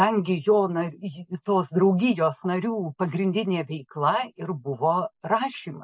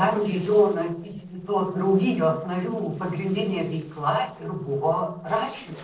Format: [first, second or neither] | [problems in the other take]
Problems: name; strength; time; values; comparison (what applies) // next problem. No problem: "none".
first | noise reduction (neural separator model SepFormer DNS4)